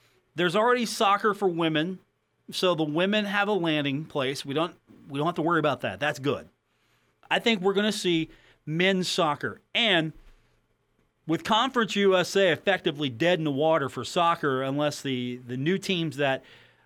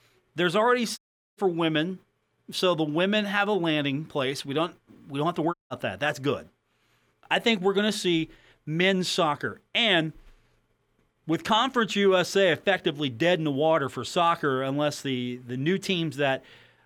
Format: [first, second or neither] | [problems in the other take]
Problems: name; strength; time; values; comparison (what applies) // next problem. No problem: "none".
first | audio cutting out; at 1 s and at 5.5 s